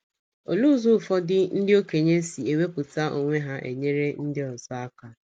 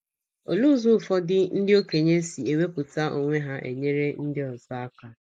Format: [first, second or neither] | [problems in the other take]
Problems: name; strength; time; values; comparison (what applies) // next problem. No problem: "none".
first | noise reduction (neural mask model Resemble Enhance denoiser)